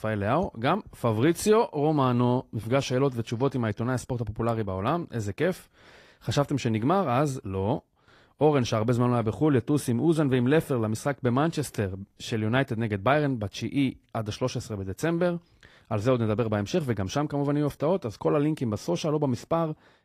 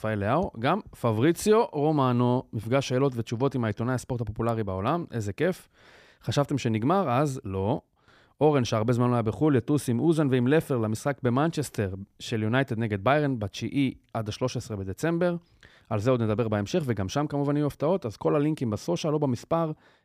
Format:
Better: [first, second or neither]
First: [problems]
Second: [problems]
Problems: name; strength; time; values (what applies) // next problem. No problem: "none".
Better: second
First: garbled, watery; slightly; nothing above 15 kHz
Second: none